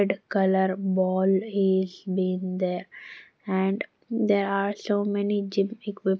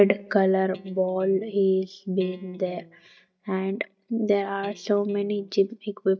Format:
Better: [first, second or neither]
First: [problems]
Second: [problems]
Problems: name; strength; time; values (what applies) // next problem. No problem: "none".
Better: first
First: none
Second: noise reduction (neural mask model DeepFilterNet 3)